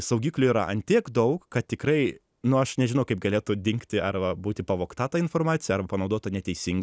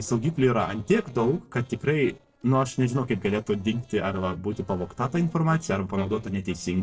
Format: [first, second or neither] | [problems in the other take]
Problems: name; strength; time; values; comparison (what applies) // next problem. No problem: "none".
first | noise reduction (neural separator model SepFormer DNS4)